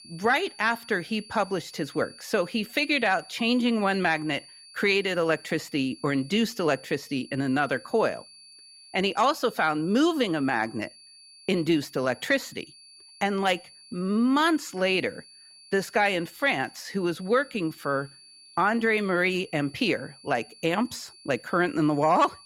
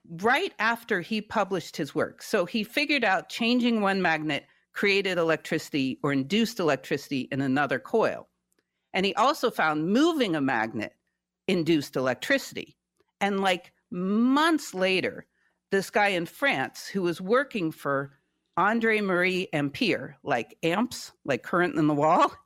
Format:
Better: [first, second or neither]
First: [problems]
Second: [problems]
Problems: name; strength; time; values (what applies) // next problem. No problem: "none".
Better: second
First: high-pitched whine; faint; throughout; 4.5 kHz, 20 dB below the speech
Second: none